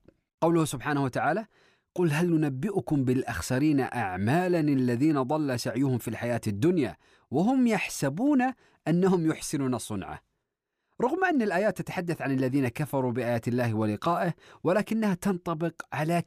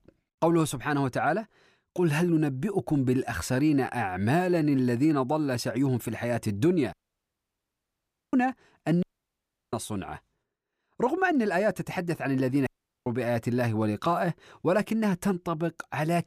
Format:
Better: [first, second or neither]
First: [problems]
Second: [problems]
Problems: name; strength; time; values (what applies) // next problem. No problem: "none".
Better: first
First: none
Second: audio cutting out; at 7 s for 1.5 s, at 9 s for 0.5 s and at 13 s